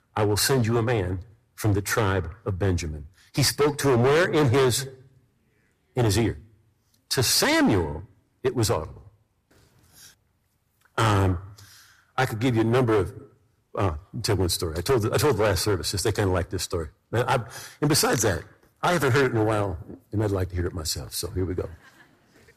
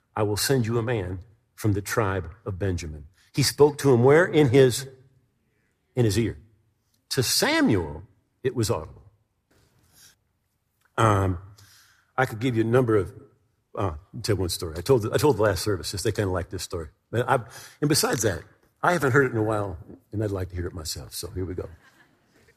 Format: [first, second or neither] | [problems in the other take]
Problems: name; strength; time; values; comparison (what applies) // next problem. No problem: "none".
second | distortion; heavy; 8% of the sound clipped